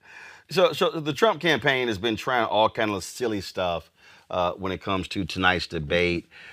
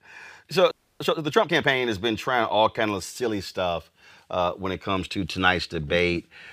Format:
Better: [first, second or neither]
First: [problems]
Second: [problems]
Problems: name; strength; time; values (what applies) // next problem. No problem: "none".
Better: first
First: none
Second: audio freezing; at 0.5 s